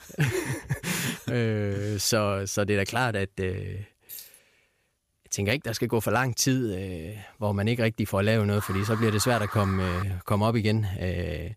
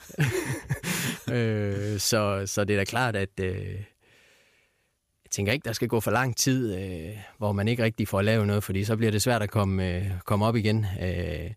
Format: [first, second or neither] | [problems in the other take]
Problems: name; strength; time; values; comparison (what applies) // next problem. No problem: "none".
second | jangling keys; faint; at 4 s; peak 15 dB below the speech // alarm; noticeable; from 8.5 to 10 s; peak 8 dB below the speech